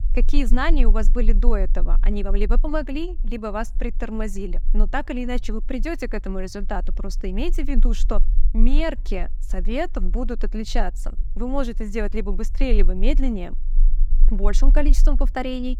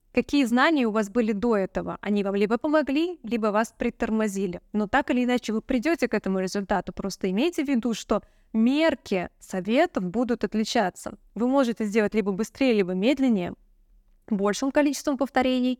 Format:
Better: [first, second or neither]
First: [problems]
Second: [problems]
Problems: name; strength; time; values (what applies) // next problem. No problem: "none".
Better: second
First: low rumble; faint; throughout; 25 dB below the speech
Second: none